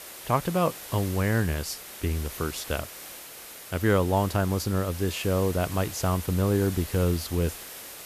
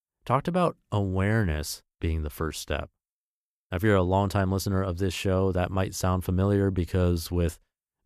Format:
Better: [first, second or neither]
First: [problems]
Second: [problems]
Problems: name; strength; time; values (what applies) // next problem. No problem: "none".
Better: second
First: hiss; noticeable; throughout; 10 dB below the speech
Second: none